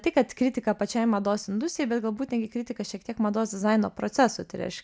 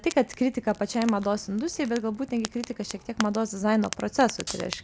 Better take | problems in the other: first | background sound (Fire + Hi-hat); 14 dB below the speech

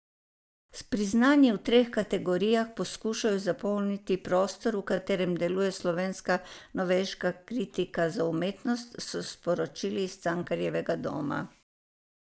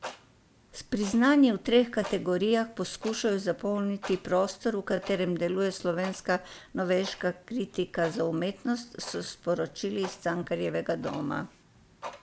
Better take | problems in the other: first | background sound (Clock); 19 dB below the speech

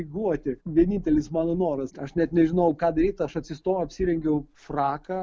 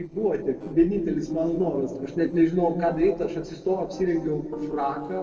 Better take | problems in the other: first | noise reduction (neural separator model SepFormer DNS4)

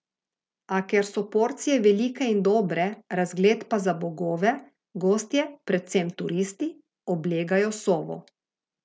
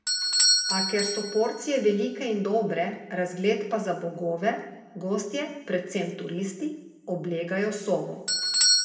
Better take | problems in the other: first | background sound (Bell / Doorbell); 1 dB below the speech // room echo; dies away in 1 s

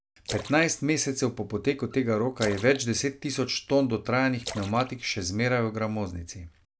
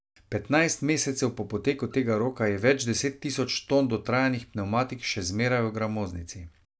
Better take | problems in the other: second | background sound (Splash, splatter); 17 dB below the speech

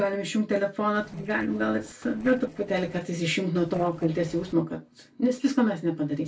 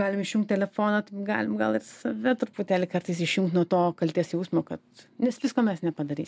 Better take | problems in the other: second | noise reduction (neural separator model SepFormer DNS4)

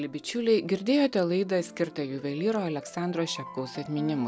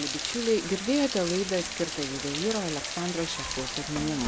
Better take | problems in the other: first | background sound (Rain); 5 dB below the speech

